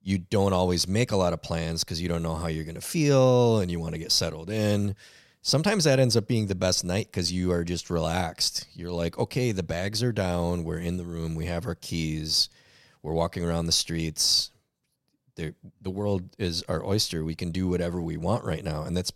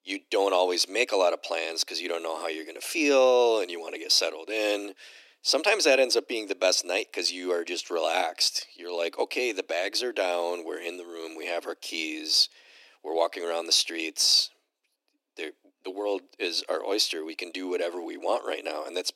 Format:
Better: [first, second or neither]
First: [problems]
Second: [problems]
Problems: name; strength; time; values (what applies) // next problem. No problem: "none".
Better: first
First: none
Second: thin; very; fading below 300 Hz